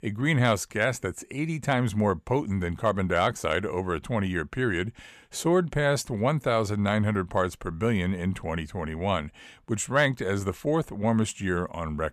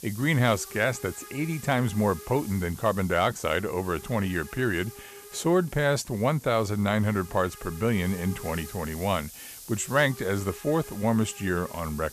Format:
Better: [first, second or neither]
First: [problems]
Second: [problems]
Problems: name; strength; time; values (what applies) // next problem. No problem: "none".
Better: first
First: none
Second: hiss; noticeable; throughout; 15 dB below the speech